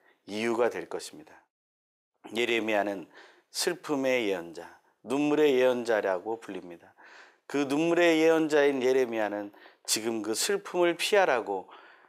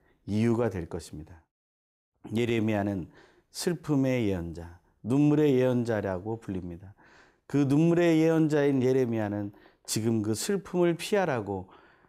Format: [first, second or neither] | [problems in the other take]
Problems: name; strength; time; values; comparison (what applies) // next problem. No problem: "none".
second | thin; somewhat; fading below 500 Hz